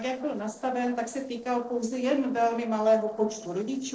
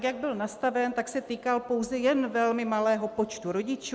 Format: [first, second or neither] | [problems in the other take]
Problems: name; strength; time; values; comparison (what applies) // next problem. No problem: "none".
second | noise reduction (neural separator model SepFormer DNS4)